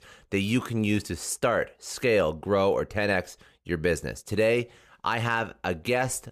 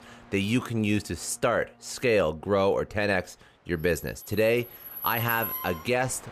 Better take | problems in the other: first | train or aircraft noise; loud; throughout; 9 dB below the speech

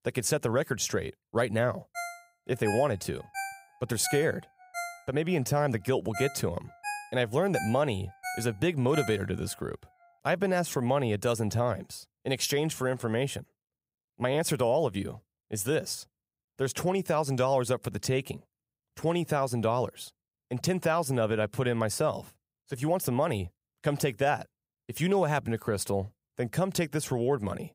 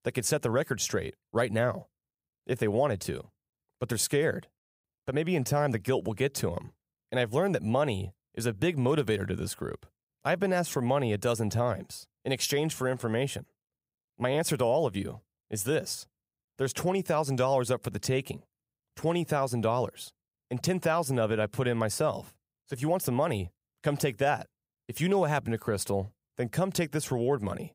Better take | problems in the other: second | phone ringing; noticeable; from 2 to 9 s; peak 8 dB below the speech

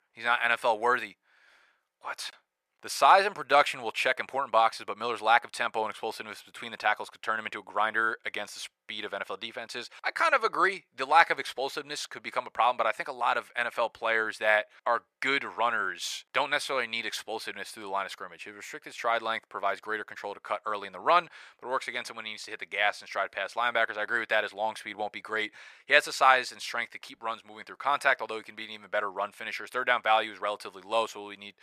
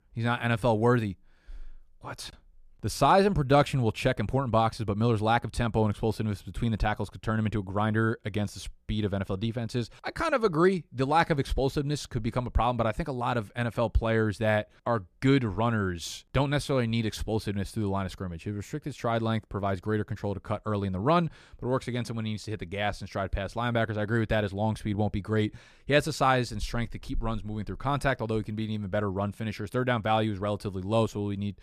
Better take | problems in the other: second | thin; very; fading below 750 Hz

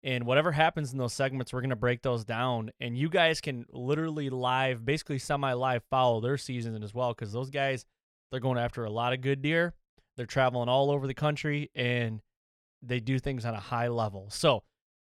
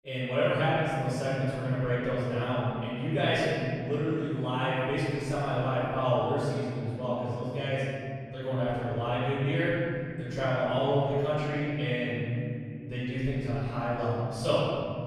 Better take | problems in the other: first | off-mic speech; far // room echo; strong; dies away in 3 s

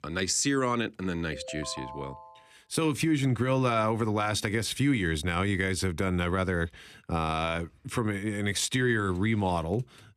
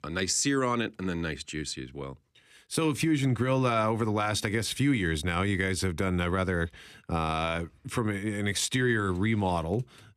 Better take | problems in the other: second | phone ringing; faint; from 1.5 to 2.5 s; peak 10 dB below the speech

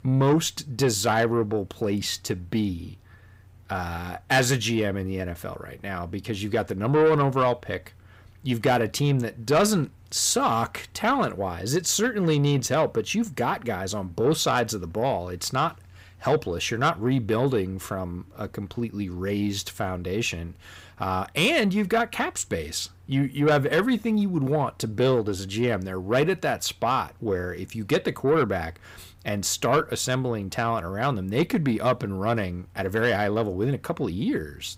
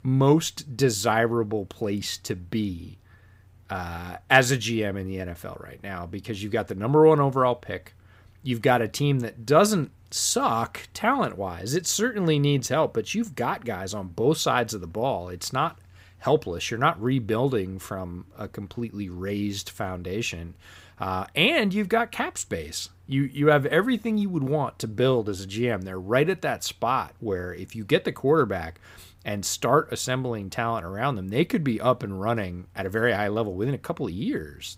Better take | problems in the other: second | distortion; slight; 10 dB below the speech

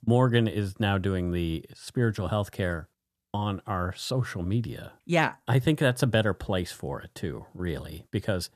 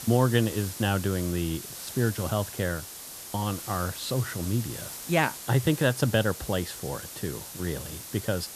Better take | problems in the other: first | hiss; loud; throughout; 9 dB below the speech

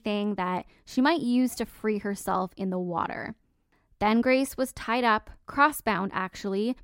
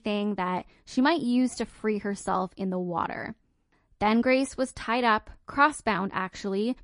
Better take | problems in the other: first | garbled, watery; slightly; nothing above 10.5 kHz

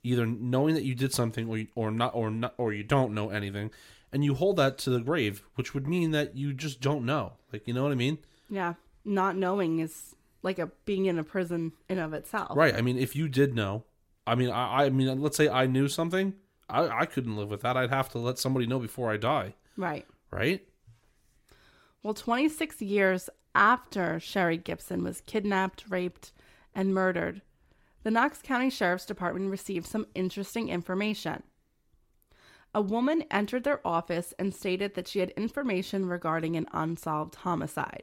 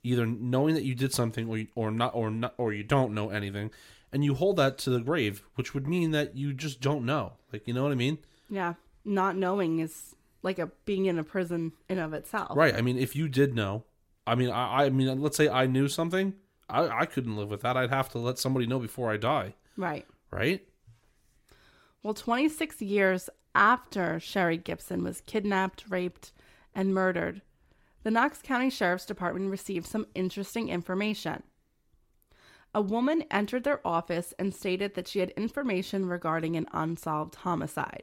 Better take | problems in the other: neither | none

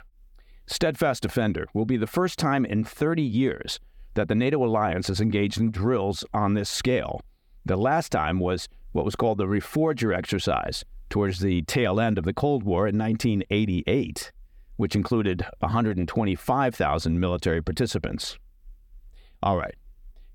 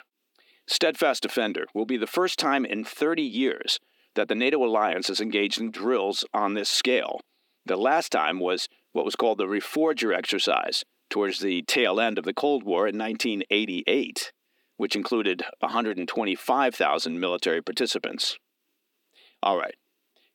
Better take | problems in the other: first | thin; somewhat; fading below 250 Hz

